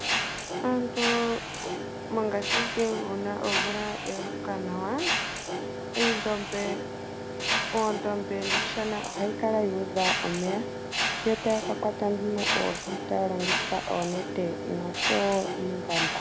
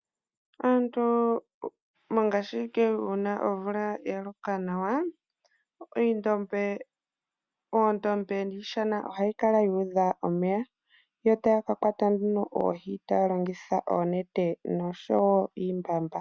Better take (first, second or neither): second